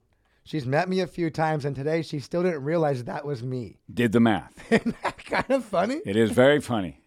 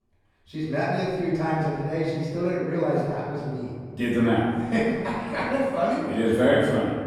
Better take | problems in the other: first | room echo; strong; dies away in 1.8 s // off-mic speech; far

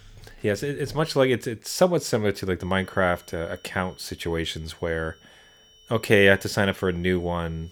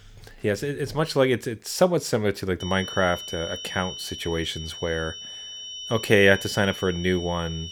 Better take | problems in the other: first | high-pitched whine; loud; from 2.5 s on; 3 kHz, 10 dB below the speech; faint in the first

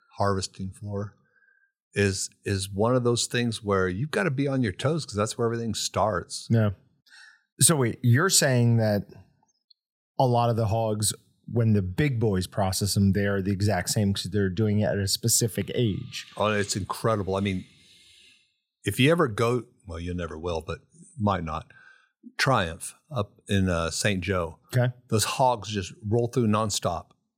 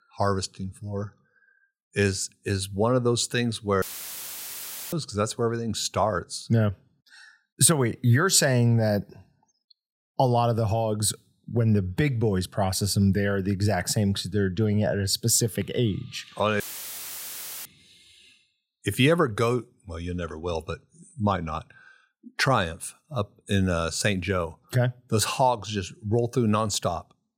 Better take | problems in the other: first | audio cutting out; filled with static; at 4 s for 1 s and at 17 s for 1 s

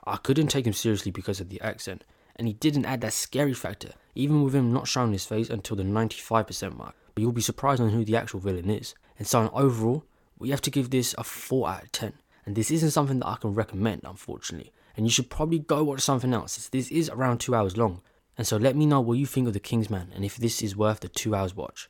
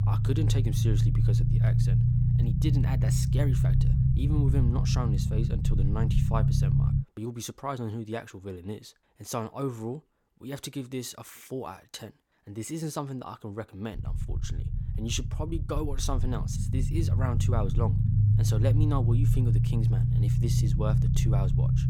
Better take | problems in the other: first | low rumble; loud; until 7 s and from 14 s on; as loud as the speech

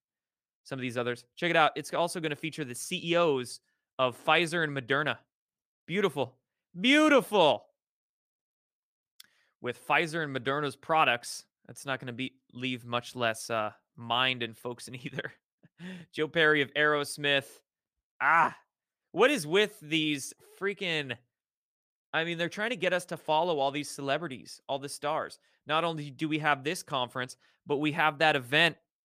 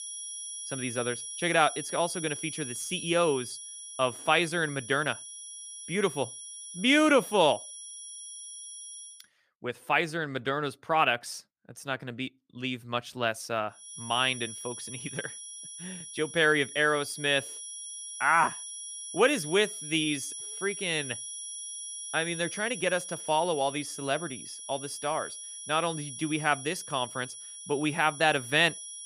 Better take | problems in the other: first | high-pitched whine; loud; until 9 s and from 14 s on; 10 kHz, 10 dB below the speech

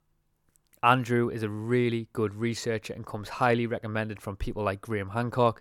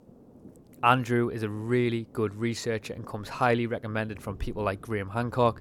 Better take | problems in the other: first | rain or running water; faint; throughout; 20 dB below the speech

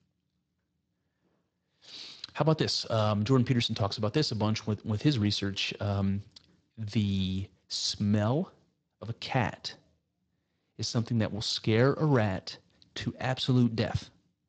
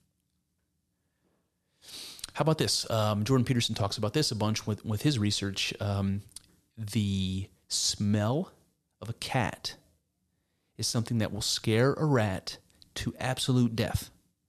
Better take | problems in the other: second | garbled, watery; slightly; nothing above 7.5 kHz

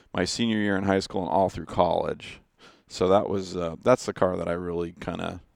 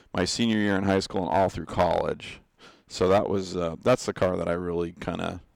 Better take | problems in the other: first | distortion; slight; 2% of the sound clipped

